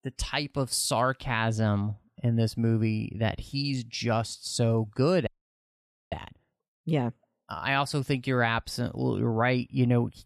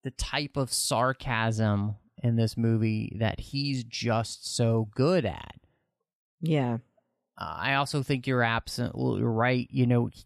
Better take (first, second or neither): second